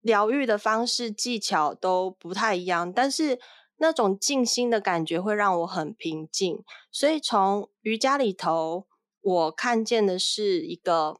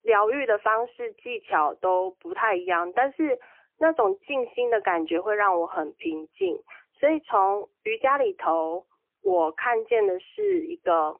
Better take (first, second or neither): first